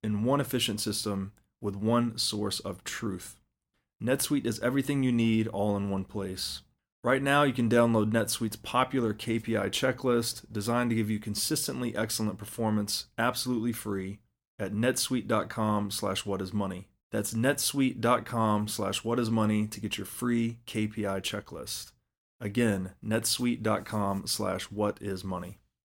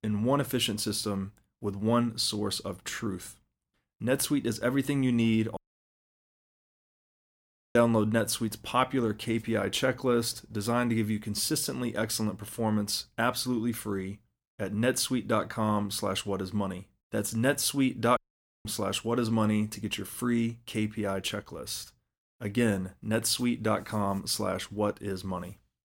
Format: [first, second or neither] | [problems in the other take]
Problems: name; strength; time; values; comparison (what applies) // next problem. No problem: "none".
first | audio cutting out; at 5.5 s for 2 s and at 18 s